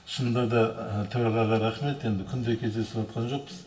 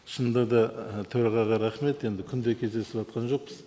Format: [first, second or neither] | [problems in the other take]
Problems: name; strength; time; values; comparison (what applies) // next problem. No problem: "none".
second | room echo; dies away in 0.2 s